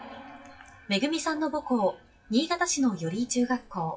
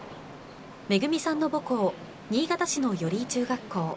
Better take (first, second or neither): second